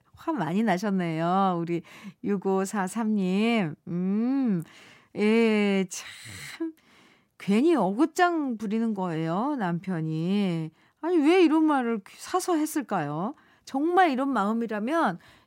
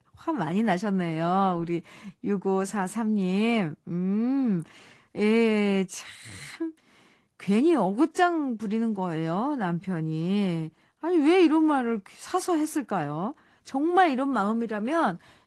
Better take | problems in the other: first | garbled, watery; slightly; nothing above 15.5 kHz

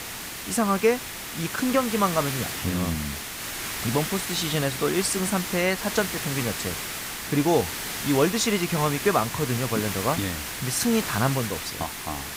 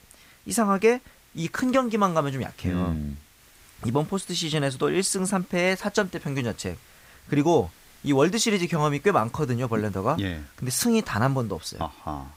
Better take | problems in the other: second | hiss; loud; throughout; 5 dB below the speech; faint in the second

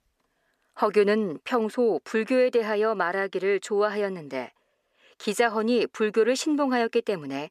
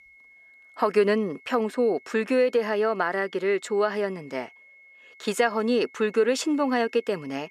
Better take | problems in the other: first | high-pitched whine; faint; throughout; 2 kHz, 25 dB below the speech

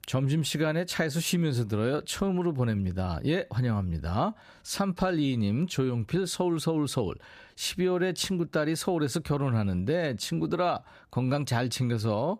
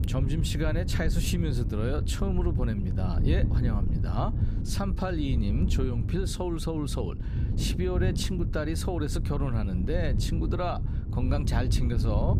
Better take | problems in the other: first | wind noise on the microphone; heavy; 8 dB below the speech

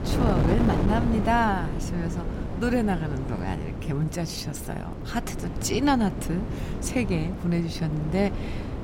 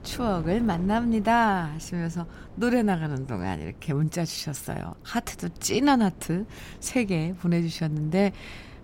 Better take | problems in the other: second | wind noise on the microphone; heavy; 6 dB below the speech; occasional gusts in the second

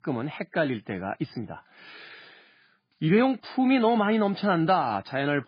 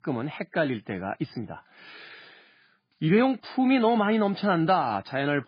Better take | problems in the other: neither | garbled, watery; badly; nothing above 4.5 kHz; the same in both

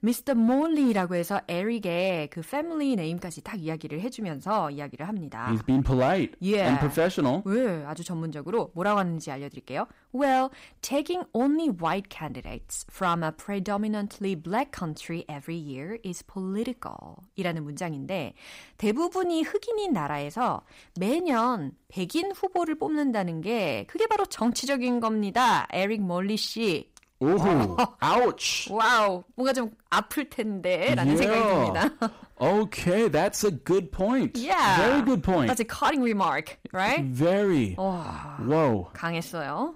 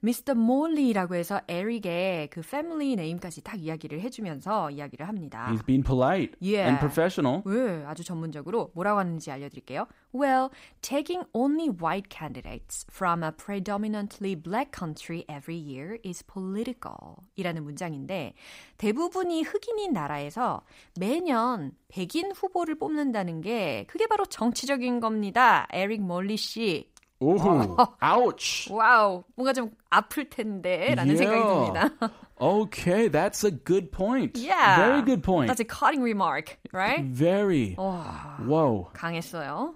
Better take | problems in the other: second | distortion; slight; 5% of the sound clipped

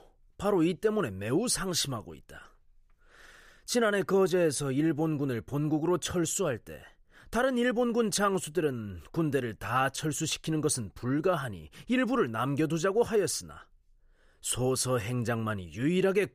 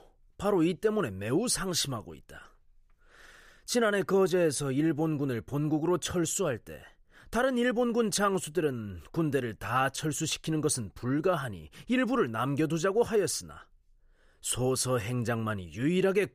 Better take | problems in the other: neither | none

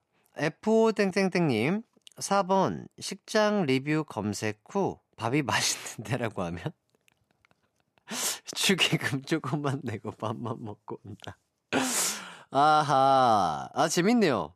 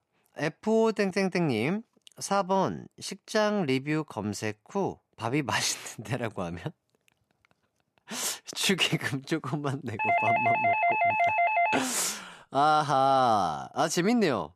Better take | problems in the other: first | doorbell; loud; from 10 to 12 s; peak 4 dB above the speech

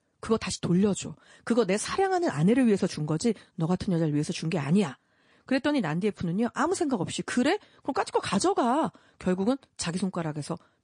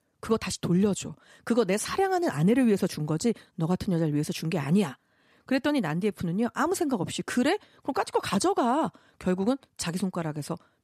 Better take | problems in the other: second | garbled, watery; slightly; nothing above 10 kHz

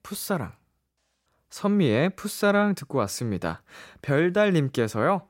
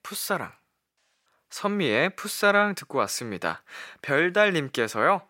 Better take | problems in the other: first | thin; somewhat; fading below 950 Hz

